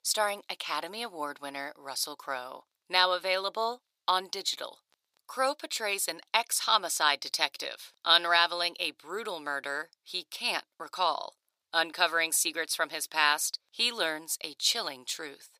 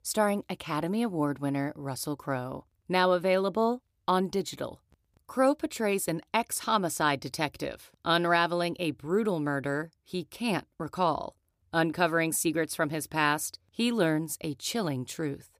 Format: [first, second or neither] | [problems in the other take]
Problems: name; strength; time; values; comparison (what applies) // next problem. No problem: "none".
second | thin; very; fading below 750 Hz